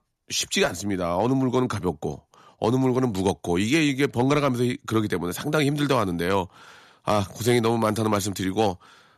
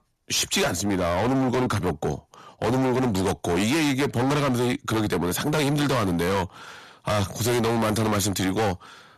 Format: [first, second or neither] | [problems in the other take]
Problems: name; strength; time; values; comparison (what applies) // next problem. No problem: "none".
first | distortion; heavy; 27% of the sound clipped